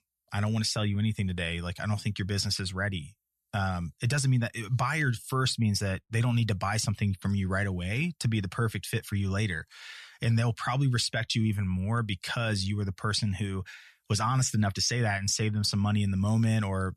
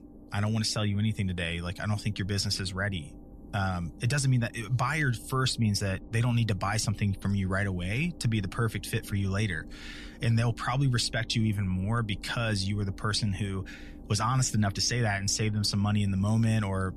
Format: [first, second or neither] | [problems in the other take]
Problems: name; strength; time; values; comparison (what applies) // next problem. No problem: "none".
first | low rumble; faint; throughout; 20 dB below the speech